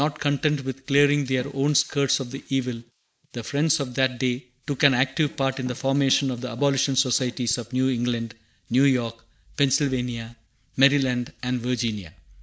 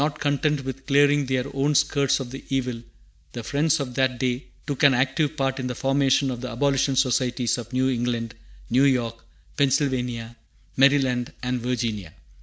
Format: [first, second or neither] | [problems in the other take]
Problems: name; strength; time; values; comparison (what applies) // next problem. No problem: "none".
second | noise reduction (neural mask model Resemble Enhance denoiser)